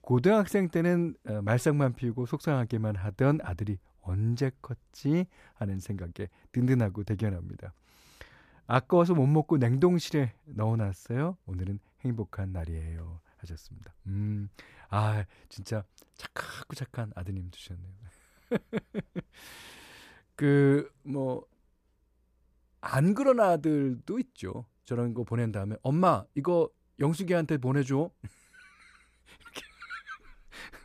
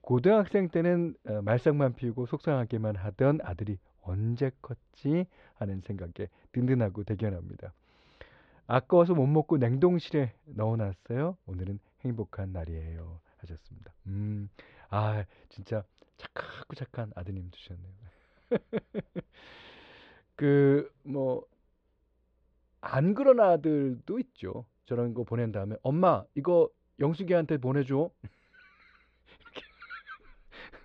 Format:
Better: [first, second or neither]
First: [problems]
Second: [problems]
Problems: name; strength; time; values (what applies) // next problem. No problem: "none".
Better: first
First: none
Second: muffled; slightly; fading above 4 kHz